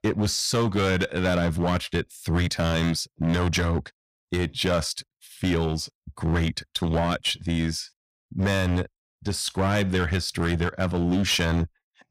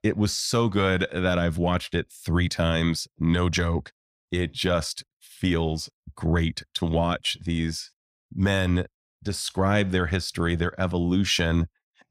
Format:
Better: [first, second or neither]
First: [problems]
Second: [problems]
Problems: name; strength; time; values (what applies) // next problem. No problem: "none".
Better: second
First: distortion; slight; 10% of the sound clipped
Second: none